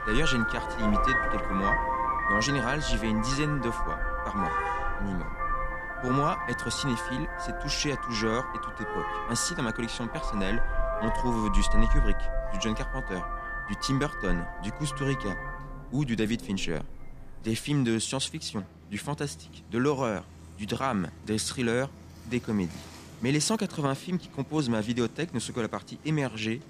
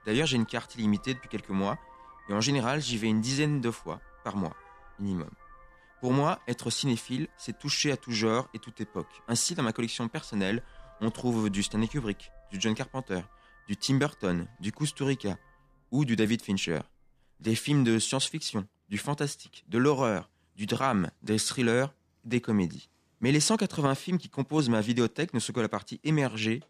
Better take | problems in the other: second | traffic noise; loud; throughout; 1 dB below the speech; faint in the second

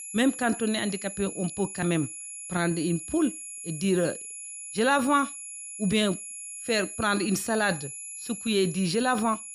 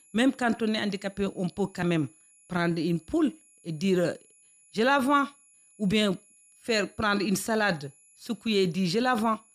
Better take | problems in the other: second | high-pitched whine; loud; throughout; 11 kHz, 9 dB below the speech; faint in the second

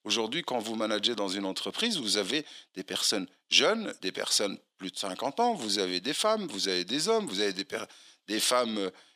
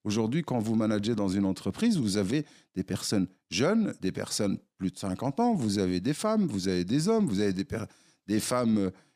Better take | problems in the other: second | thin; somewhat; fading below 450 Hz

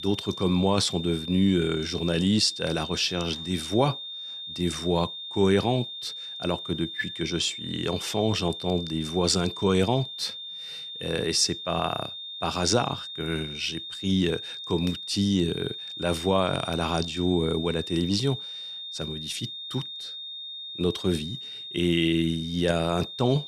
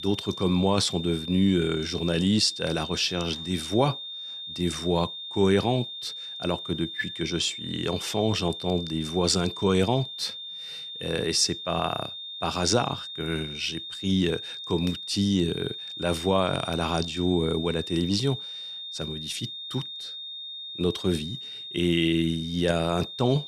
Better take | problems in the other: neither | high-pitched whine; loud; throughout; 3.5 kHz, 8 dB below the speech; the same in both

